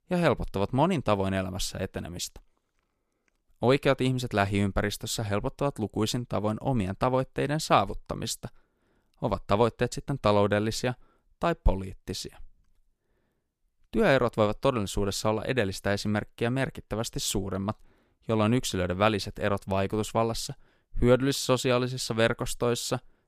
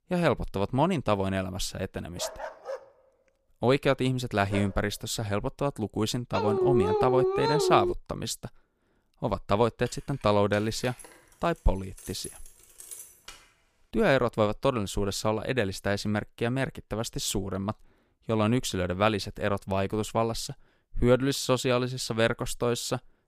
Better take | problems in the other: first | dog barking; noticeable; from 2 to 4.5 s; peak 10 dB below the speech // dog barking; loud; from 6.5 to 8 s; peak 4 dB above the speech // jangling keys; faint; from 10 to 13 s; peak 15 dB below the speech

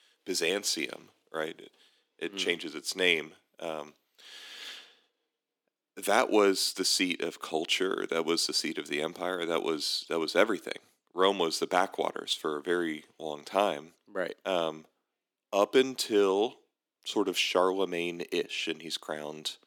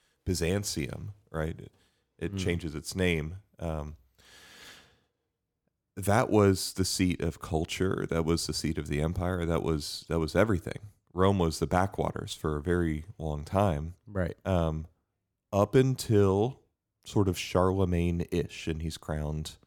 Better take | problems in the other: second | thin; somewhat; fading below 300 Hz

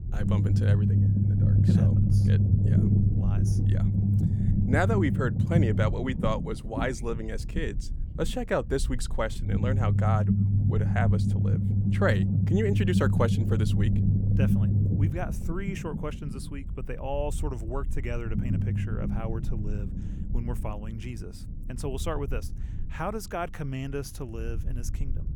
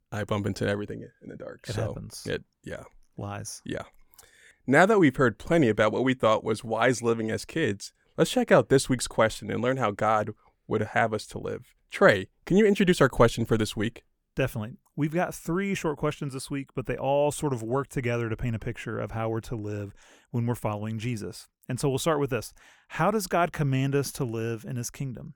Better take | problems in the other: second | low rumble; loud; throughout; 3 dB below the speech

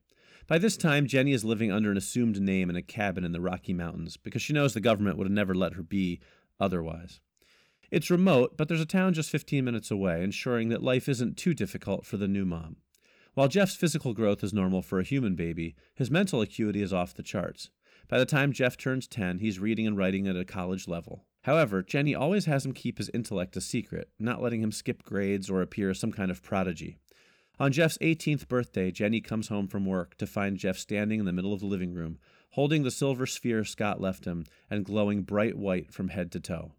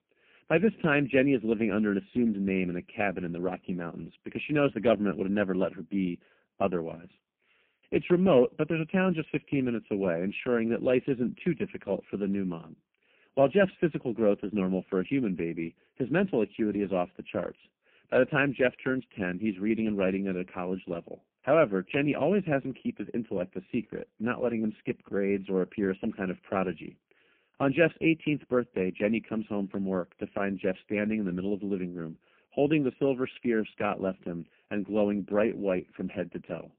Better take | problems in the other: first | phone-call audio; poor line

